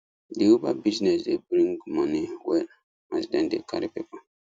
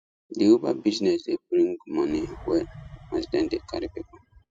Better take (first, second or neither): first